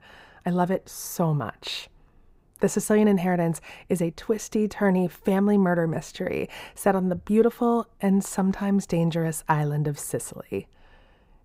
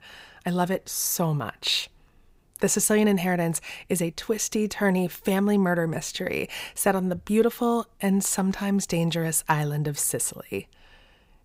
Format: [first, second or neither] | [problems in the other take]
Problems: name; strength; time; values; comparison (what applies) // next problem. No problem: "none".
second | muffled; slightly; fading above 2 kHz